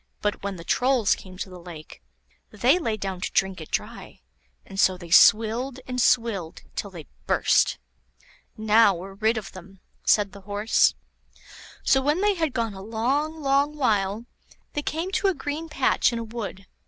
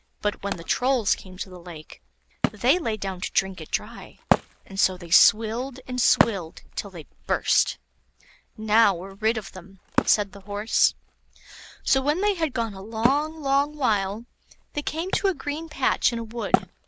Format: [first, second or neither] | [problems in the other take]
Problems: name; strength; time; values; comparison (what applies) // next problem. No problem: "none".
first | background sound (Wood); 7 dB below the speech